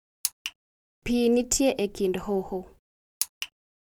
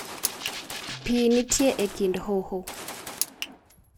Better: first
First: none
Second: background sound (Rattle (instrument) + Gunshot, gunfire); 11 dB below the speech

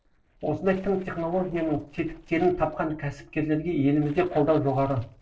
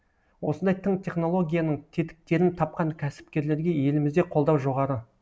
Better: second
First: noise reduction (neural separator model SepFormer DNS4)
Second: none

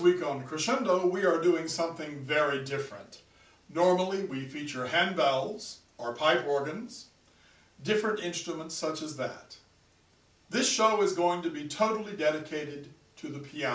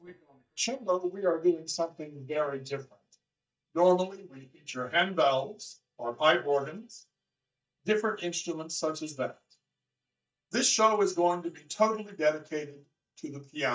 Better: first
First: none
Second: noise reduction (neural mask model DeepFilterNet 3)

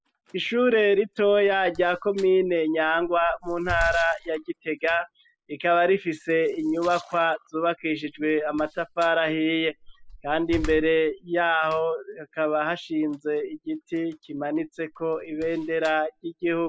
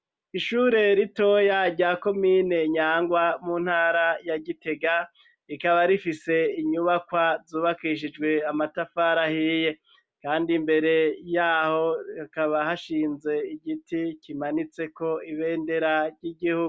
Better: second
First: noise reduction (classical method spectral subtraction)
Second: none

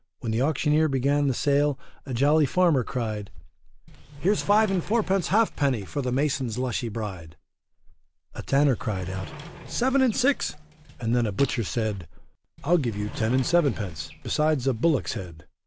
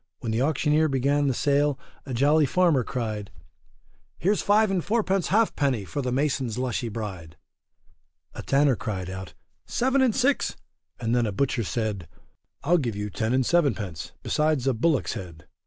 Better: second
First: background sound (Fart + Sliding door); 16 dB below the speech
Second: none

